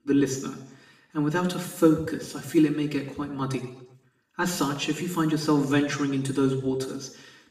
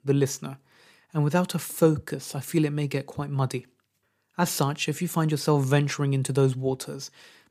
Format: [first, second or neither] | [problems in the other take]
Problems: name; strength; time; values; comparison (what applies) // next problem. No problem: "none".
second | room echo; slight; dies away in 0.8 s // off-mic speech; far